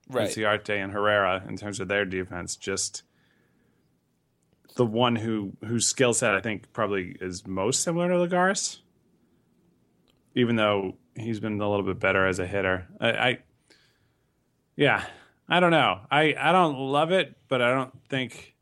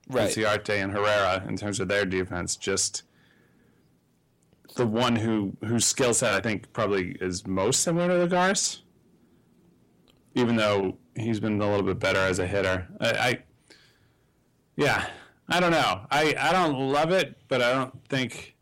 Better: first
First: none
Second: distortion; heavy; 6 dB below the speech

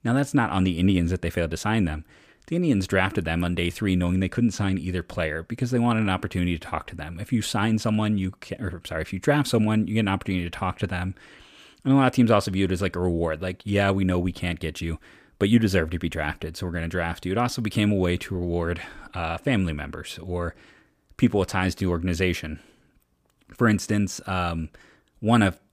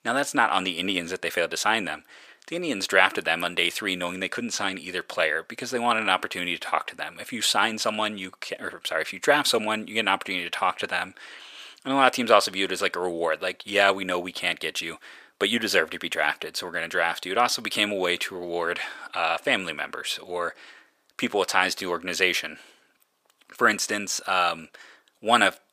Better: first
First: none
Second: thin; very; fading below 600 Hz

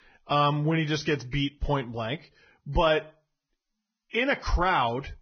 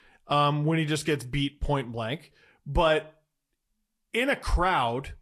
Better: second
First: garbled, watery; badly; nothing above 6 kHz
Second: garbled, watery; slightly; nothing above 12 kHz

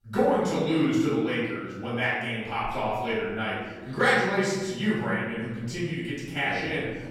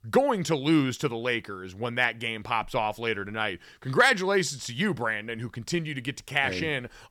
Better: second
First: room echo; strong; dies away in 1.3 s // off-mic speech; far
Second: none

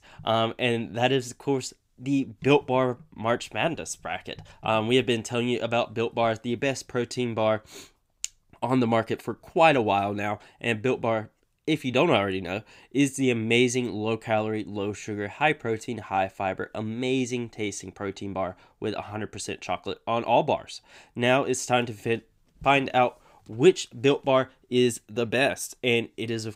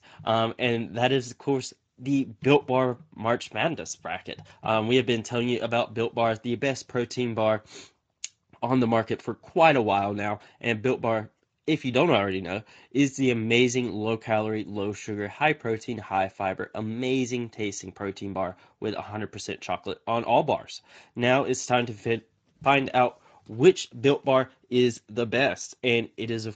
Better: first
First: none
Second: garbled, watery; slightly; nothing above 7.5 kHz

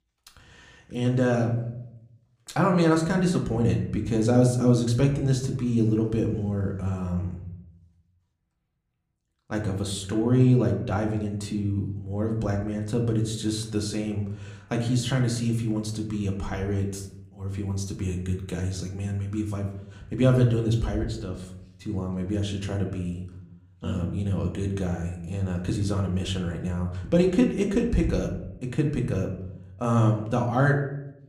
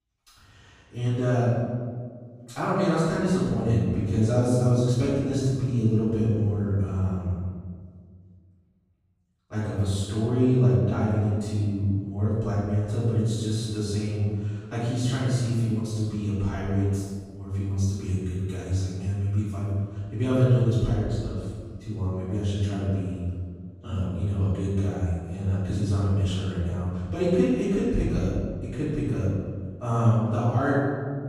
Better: first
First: room echo; slight; dies away in 0.7 s // off-mic speech; somewhat distant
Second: room echo; strong; dies away in 1.6 s // off-mic speech; far

